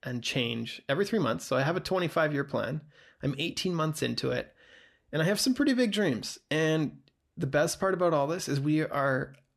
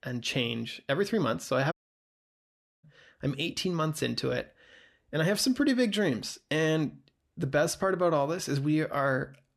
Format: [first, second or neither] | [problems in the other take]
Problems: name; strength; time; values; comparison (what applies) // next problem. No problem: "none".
first | audio cutting out; at 1.5 s for 1 s